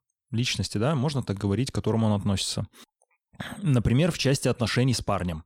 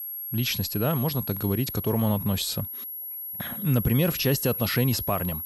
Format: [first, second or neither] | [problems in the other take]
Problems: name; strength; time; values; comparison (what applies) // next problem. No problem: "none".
first | high-pitched whine; loud; throughout; 11.5 kHz, 5 dB below the speech